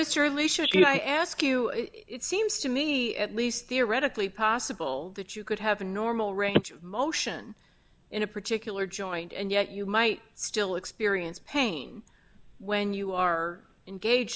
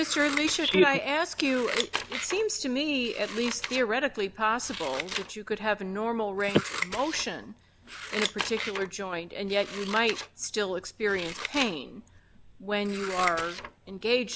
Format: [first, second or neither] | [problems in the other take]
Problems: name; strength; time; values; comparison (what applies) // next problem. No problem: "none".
first | background sound (Scissors); 9 dB below the speech